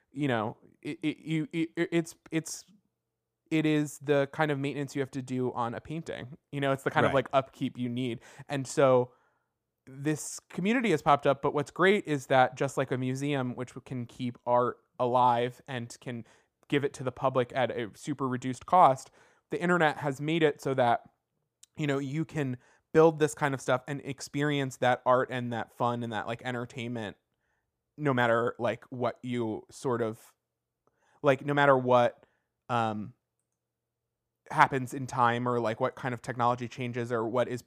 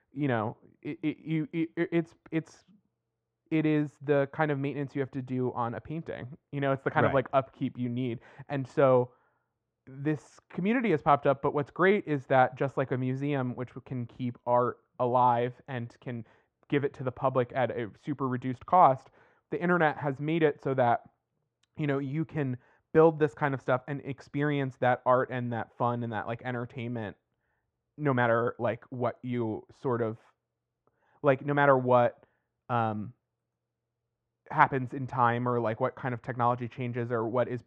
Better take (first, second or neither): first